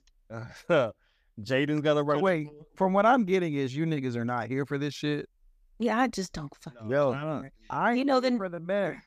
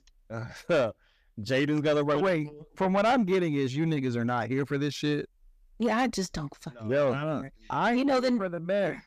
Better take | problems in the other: first | distortion; slight; 10 dB below the speech

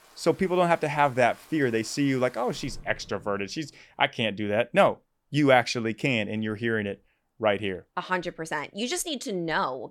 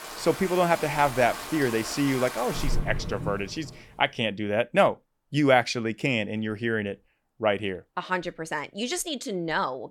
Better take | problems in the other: first | rain or running water; loud; until 3.5 s; 9 dB below the speech; faint in the first

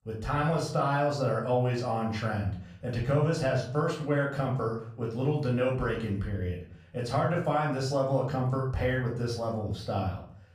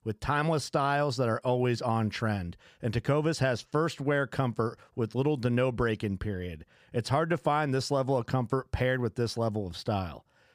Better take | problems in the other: second | off-mic speech; far // room echo; slight; dies away in 0.5 s

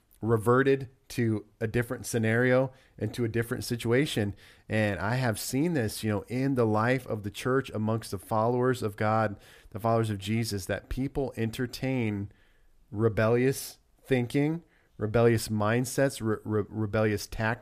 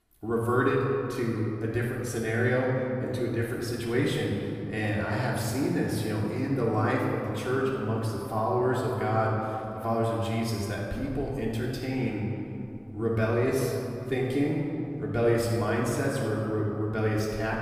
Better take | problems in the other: first | off-mic speech; far // room echo; noticeable; dies away in 2.4 s

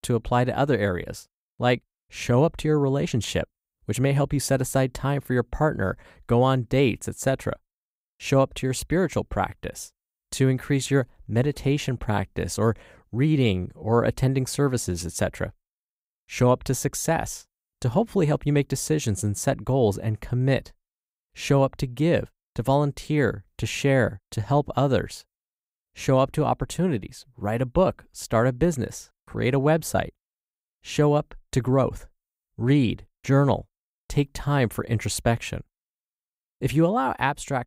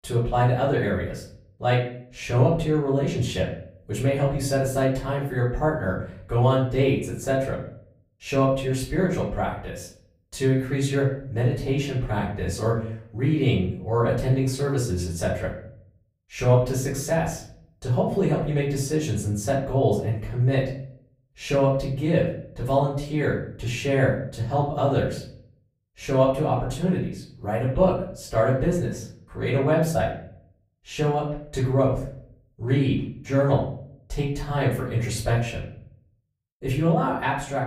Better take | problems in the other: first | off-mic speech; far // room echo; noticeable; dies away in 0.5 s

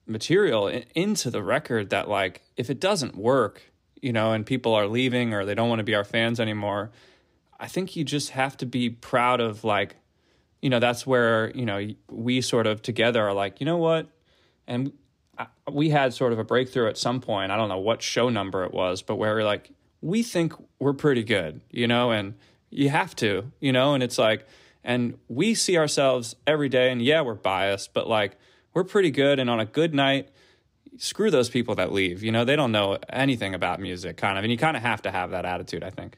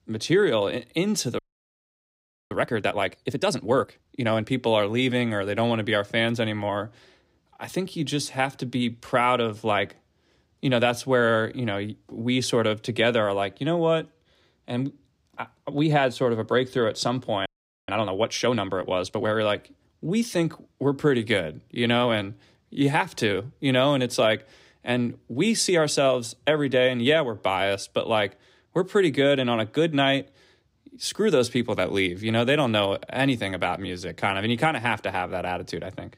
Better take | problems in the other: first | audio freezing; at 1.5 s for 1 s and at 17 s

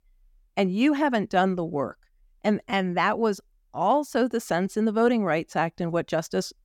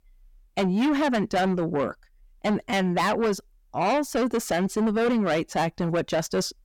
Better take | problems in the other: first | distortion; heavy; 7 dB below the speech

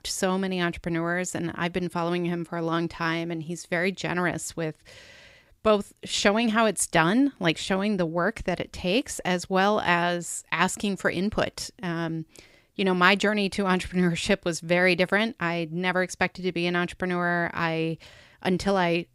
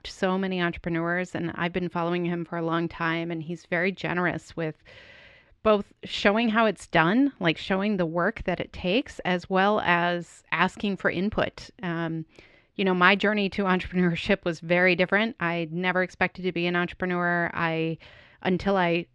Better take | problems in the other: first | muffled; slightly; fading above 3 kHz

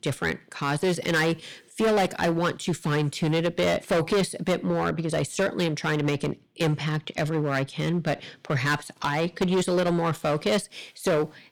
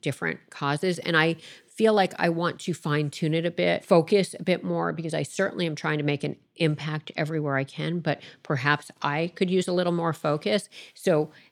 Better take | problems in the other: second | distortion; heavy; 12% of the sound clipped

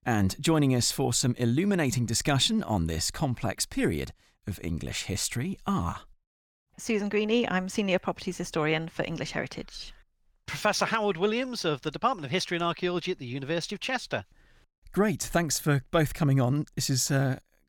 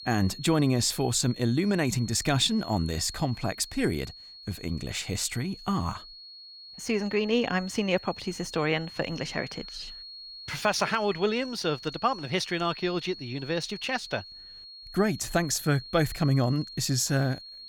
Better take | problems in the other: first | high-pitched whine; noticeable; throughout; 4.5 kHz, 15 dB below the speech

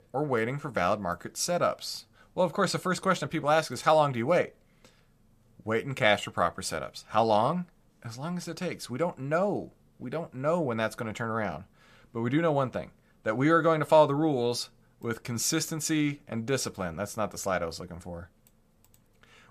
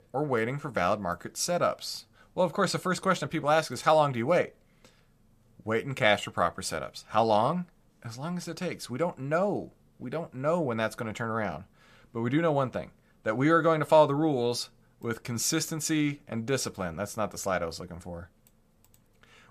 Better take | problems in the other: neither | none

